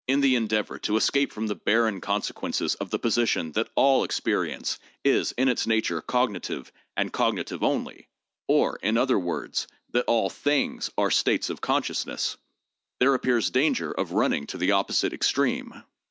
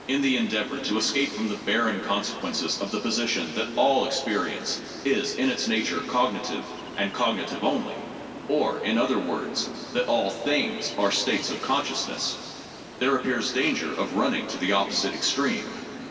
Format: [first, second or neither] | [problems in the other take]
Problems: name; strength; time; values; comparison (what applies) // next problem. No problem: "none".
first | background sound (Ocean); 15 dB below the speech // room echo; dies away in 2.6 s